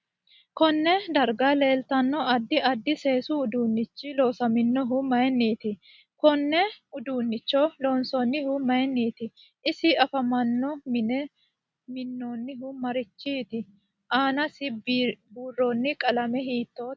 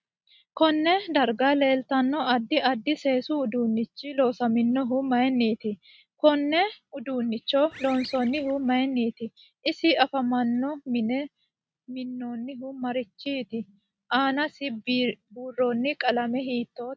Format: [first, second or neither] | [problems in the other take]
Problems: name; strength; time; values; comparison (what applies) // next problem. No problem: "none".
first | noise reduction (neural mask model RNNoise)